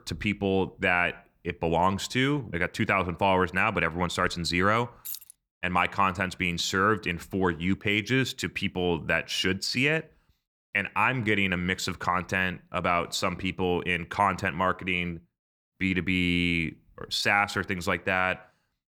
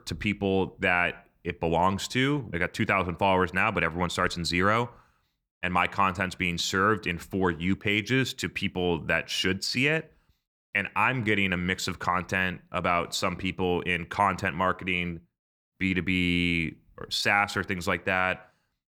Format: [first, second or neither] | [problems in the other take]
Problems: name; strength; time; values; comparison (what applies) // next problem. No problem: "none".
second | jangling keys; faint; at 5 s; peak 10 dB below the speech